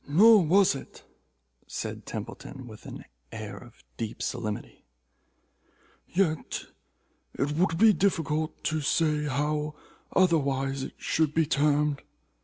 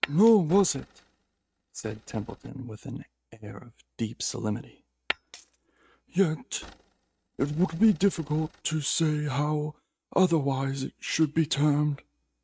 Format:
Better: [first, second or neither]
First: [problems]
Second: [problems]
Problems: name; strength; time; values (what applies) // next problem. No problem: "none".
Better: first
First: none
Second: noise reduction (neural mask model RNNoise)